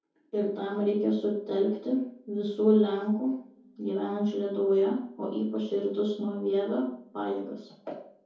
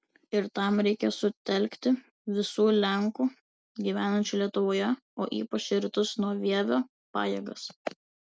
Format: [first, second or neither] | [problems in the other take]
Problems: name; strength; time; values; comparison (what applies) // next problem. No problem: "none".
second | room echo; dies away in 0.6 s